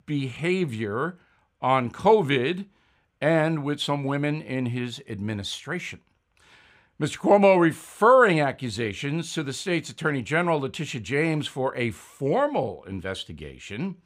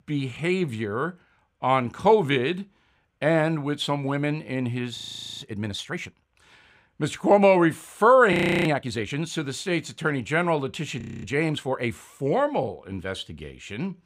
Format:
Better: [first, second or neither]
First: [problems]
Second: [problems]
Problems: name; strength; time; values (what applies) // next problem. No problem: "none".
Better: first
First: none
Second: audio freezing; at 5 s, at 8.5 s and at 11 s